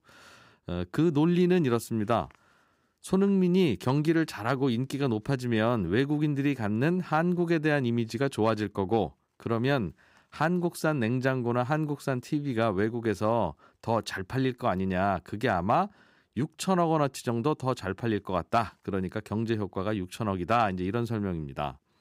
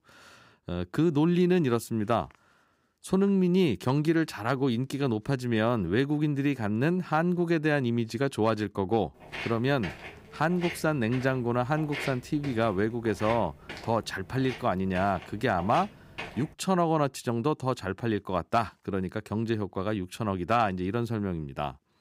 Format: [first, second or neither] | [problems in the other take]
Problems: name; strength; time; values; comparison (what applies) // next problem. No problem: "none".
first | footsteps; noticeable; from 9 to 17 s; peak 8 dB below the speech